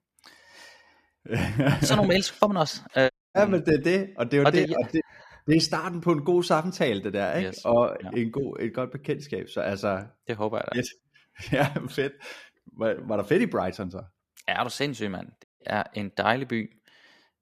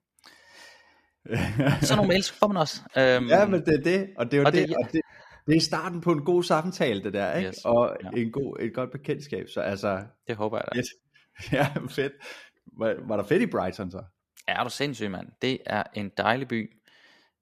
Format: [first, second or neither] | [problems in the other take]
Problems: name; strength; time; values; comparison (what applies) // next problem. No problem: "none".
second | audio cutting out; at 3 s and at 15 s